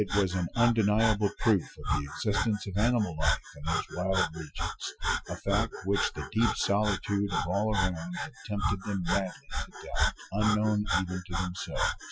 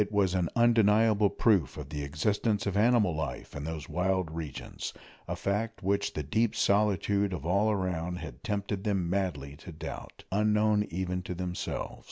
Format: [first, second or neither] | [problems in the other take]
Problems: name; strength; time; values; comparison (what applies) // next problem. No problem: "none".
second | noise reduction (classical method Wiener filter)